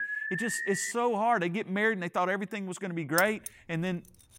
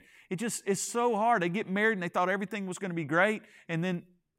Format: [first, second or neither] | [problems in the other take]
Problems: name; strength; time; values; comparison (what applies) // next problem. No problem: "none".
second | alarm; noticeable; at the start; peak 2 dB below the speech // jangling keys; noticeable; at 3 s; peak 5 dB below the speech